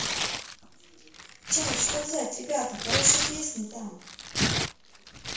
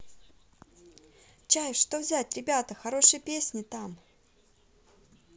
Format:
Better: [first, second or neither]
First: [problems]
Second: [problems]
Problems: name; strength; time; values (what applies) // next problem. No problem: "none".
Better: second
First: background sound (Tearing); 2 dB below the speech // room echo; dies away in 0.7 s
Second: none